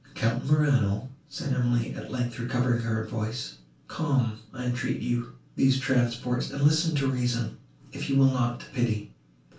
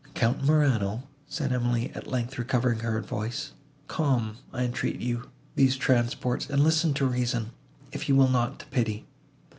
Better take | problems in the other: second | room echo; dies away in 0.2 s

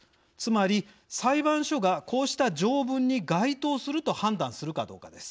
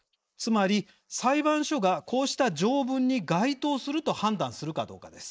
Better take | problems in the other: first | noise reduction (neural mask model Resemble Enhance denoiser)

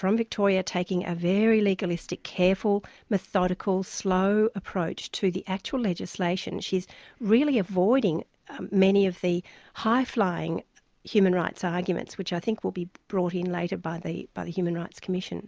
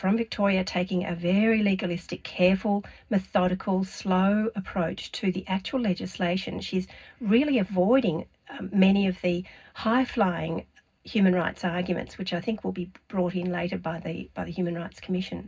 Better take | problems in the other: first | room echo; dies away in 0.4 s

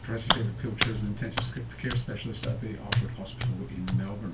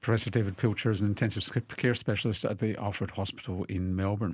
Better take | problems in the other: second | background sound (Hands); 4 dB above the speech // room echo; dies away in 0.2 s

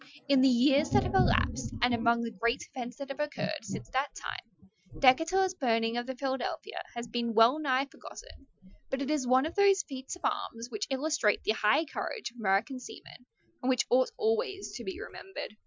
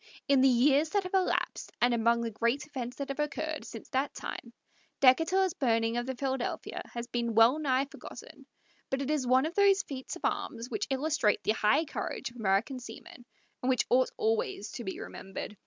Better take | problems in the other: second | noise reduction (classical method Wiener filter)

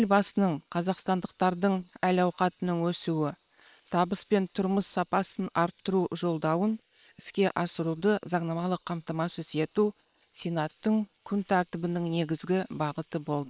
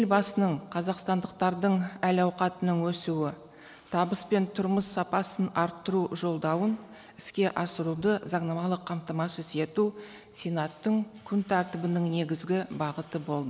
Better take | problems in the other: second | noise reduction (neural separator model SepFormer WHAM!)

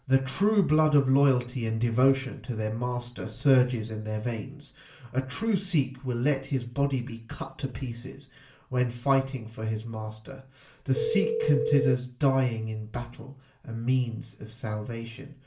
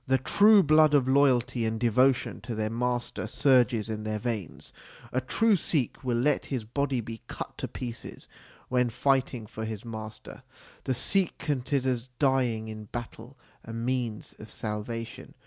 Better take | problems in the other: second | background sound (Telephone); as loud as the speech // room echo; dies away in 0.3 s

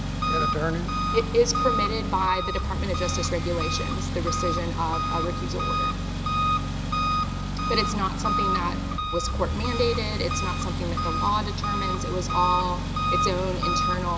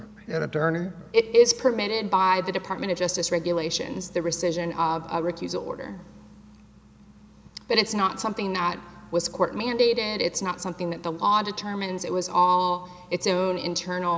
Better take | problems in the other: second | background sound (Engine); 3 dB above the speech

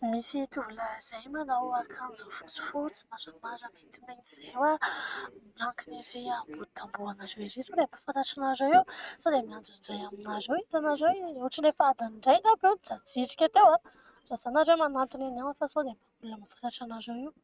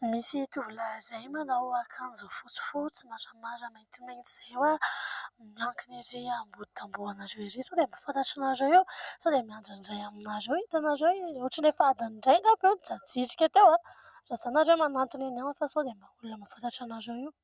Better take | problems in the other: second | noise reduction (neural mask model RNNoise)

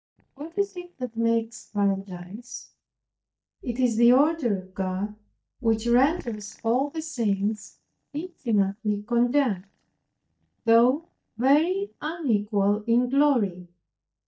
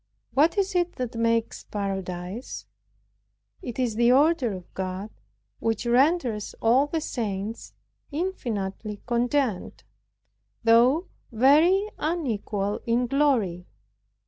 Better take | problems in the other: second | noise reduction (neural mask model DeepFilterNet 3)

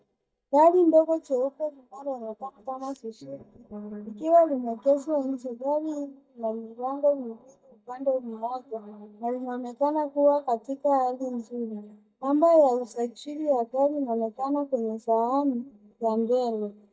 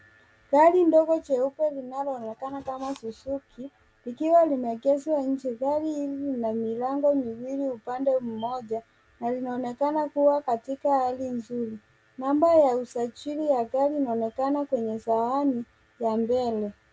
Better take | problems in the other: second | noise reduction (neural mask model DeepFilterNet 3)

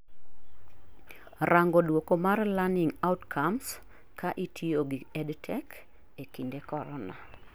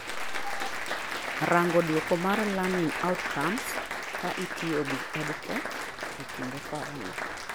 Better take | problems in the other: first | background sound (Applause); 3 dB below the speech

